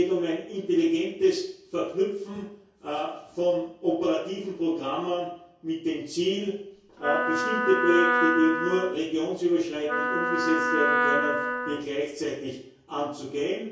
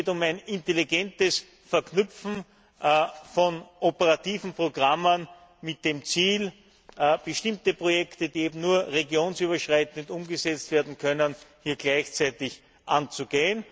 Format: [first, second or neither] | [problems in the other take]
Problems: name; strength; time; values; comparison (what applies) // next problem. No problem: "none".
second | background sound (Wind instrument, woodwind instrument); 1 dB above the speech // room echo; dies away in 0.6 s